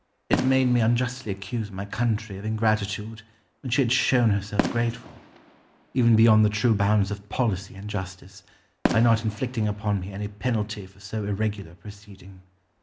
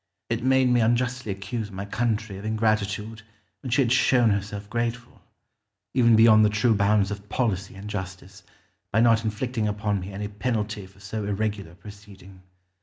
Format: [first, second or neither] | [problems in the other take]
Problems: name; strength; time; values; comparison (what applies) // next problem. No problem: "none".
second | background sound (Fireworks); 12 dB below the speech